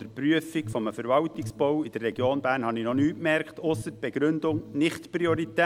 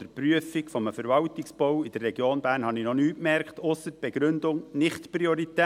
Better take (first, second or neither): second